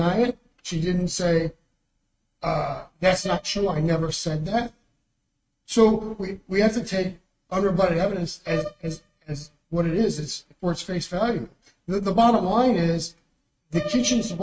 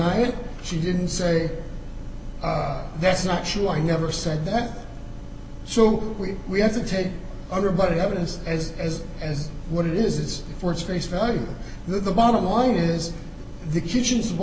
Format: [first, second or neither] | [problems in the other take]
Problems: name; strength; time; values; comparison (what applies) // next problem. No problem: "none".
second | noise reduction (neural mask model RNNoise)